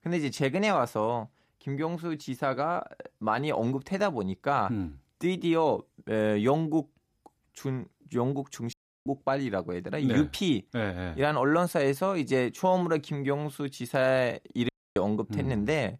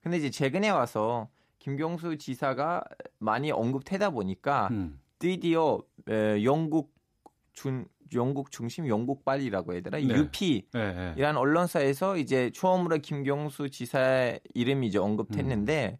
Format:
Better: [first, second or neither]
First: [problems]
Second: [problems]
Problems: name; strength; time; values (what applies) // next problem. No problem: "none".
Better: second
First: audio cutting out; at 8.5 s and at 15 s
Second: none